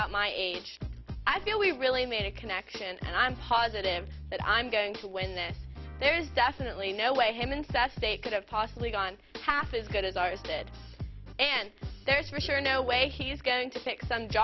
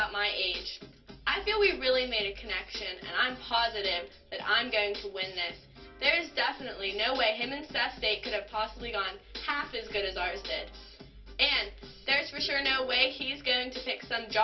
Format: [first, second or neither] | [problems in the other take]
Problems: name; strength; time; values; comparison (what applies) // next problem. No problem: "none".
first | room echo; dies away in 0.3 s